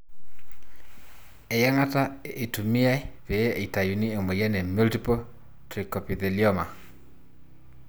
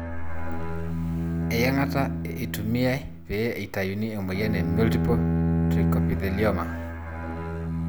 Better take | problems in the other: first | background sound (Bowed string instrument); 1 dB above the speech

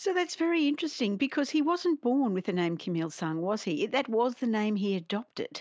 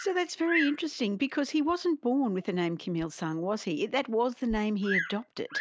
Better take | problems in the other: first | background sound (Bird vocalization, bird call, bird song); 10 dB below the speech

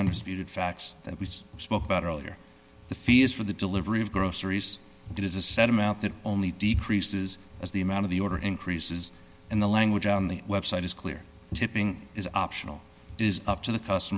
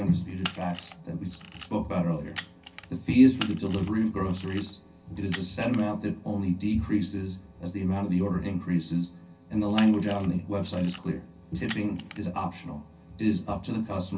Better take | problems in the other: first | background sound (Camera); 16 dB below the speech // room echo; dies away in 0.3 s

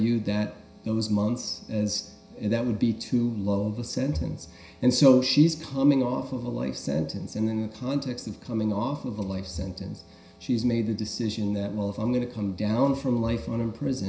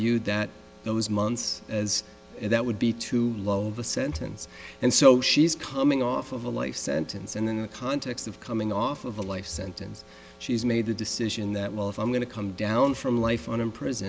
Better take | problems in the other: second | room echo; dies away in 0.5 s

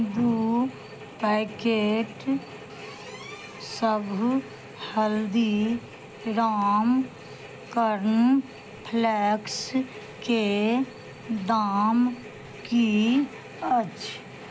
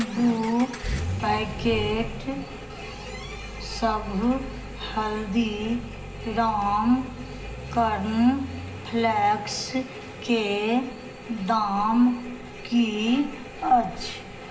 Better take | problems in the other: first | background sound (Accelerating, revving, vroom); 11 dB below the speech // room echo; dies away in 0.7 s

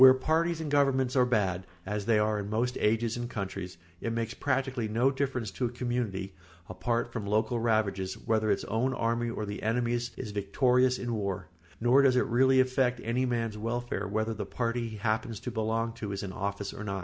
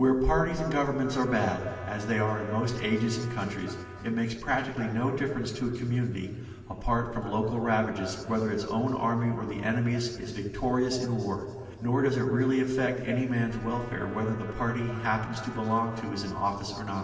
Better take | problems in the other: first | background sound (Trumpet); 19 dB below the speech // room echo; dies away in 2.3 s

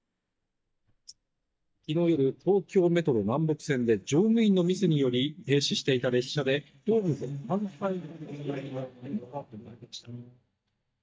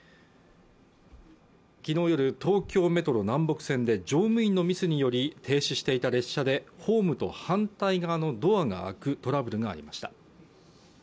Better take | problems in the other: second | noise reduction (neural mask model DeepFilterNet 3)

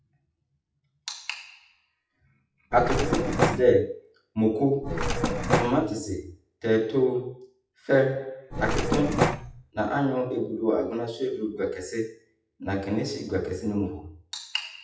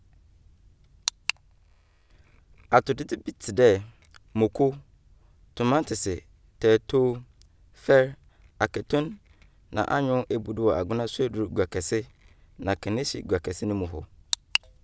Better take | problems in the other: second | noise reduction (classical method WPE with log-MMSE)

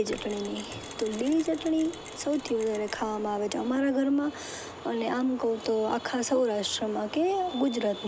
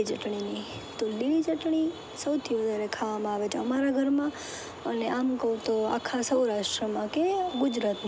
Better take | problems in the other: second | background sound (Mechanisms); 20 dB below the speech

